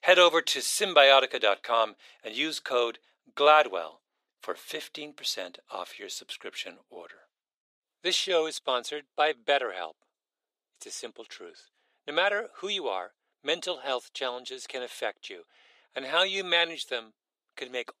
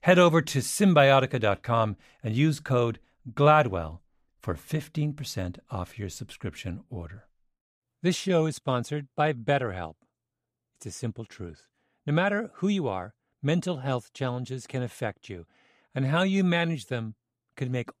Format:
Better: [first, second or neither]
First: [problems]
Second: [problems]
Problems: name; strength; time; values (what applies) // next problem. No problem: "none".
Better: second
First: thin; very; fading below 400 Hz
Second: none